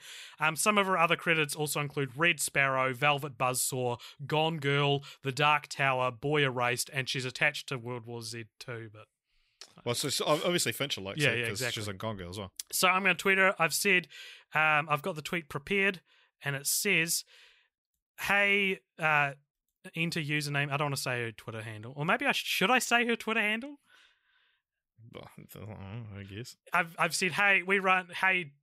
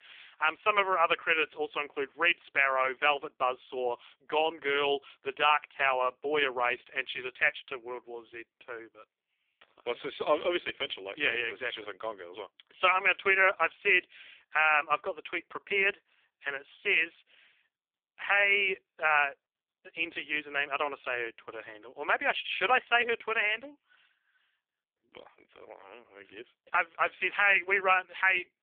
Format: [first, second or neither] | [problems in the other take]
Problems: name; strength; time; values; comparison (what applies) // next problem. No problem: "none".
first | phone-call audio; poor line